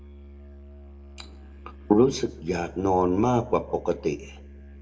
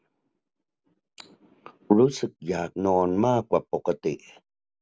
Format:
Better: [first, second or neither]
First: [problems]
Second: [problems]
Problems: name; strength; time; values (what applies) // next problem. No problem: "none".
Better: second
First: background sound (Musical instrument); 18 dB below the speech // room echo; dies away in 0.5 s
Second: none